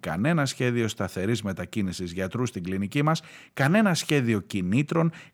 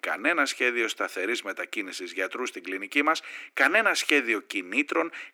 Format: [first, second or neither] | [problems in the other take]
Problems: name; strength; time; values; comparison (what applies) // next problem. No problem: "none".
first | thin; somewhat; fading below 300 Hz